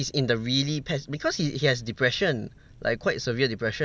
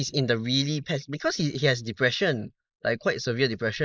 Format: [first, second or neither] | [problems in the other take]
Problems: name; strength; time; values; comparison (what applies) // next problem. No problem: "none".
first | noise reduction (neural mask model Resemble Enhance denoiser)